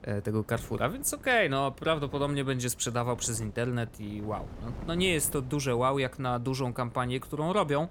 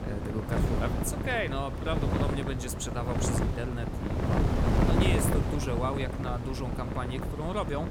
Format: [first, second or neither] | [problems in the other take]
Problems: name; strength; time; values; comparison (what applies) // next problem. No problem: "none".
first | wind noise on the microphone; heavy; 1 dB below the speech; occasional gusts in the first